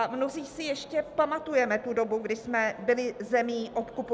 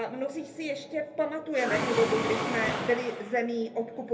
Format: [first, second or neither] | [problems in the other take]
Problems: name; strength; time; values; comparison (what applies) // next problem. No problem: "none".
first | background sound (Mechanisms); 3 dB below the speech // room echo; dies away in 0.3 s